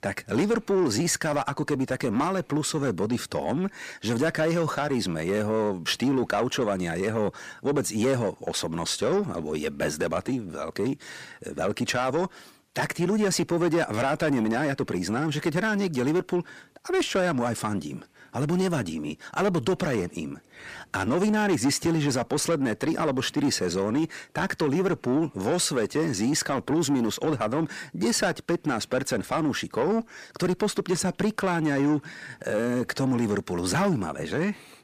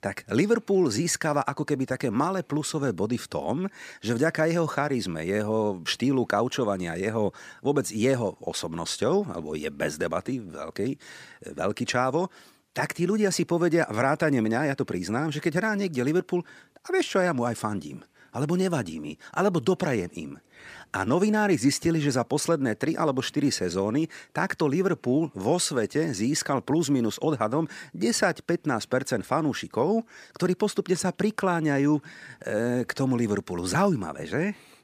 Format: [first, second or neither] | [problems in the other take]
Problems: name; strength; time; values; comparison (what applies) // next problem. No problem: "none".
second | distortion; slight; 10 dB below the speech